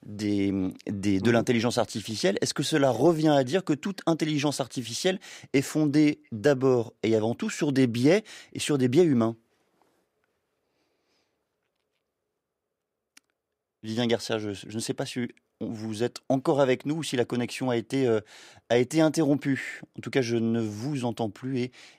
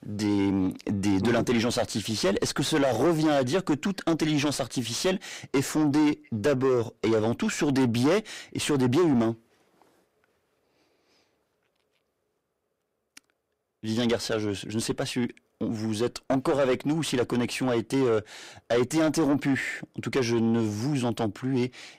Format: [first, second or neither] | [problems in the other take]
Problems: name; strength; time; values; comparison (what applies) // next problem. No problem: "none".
first | distortion; heavy; 7 dB below the speech